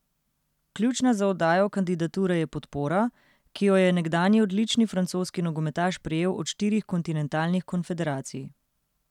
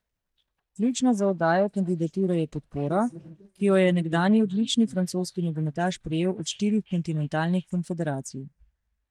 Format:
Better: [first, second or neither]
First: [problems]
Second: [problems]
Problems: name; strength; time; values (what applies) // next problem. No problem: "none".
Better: first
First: none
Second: noise reduction (neural mask model DeepFilterNet 3)